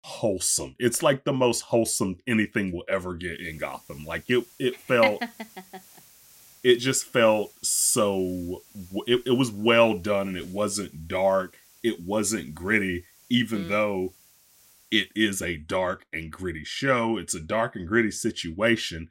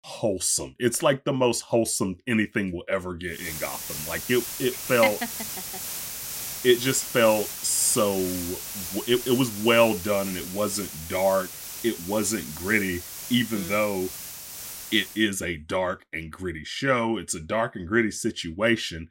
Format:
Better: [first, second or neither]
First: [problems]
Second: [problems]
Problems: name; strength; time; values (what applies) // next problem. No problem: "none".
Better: first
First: hiss; faint; from 3.5 to 15 s; 25 dB below the speech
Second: hiss; loud; from 3.5 to 15 s; 8 dB below the speech